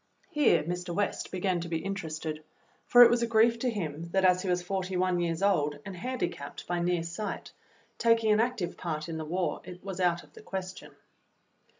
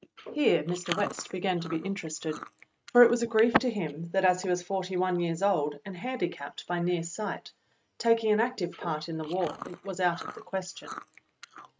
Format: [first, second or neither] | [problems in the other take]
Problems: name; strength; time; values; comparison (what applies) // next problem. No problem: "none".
first | noise reduction (neural mask model RNNoise)